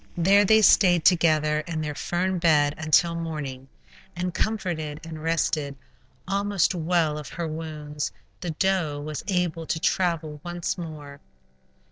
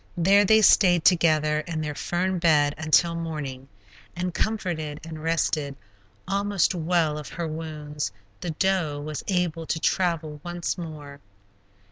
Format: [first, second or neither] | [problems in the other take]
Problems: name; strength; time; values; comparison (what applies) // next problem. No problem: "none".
second | noise reduction (neural separator model SepFormer DNS4)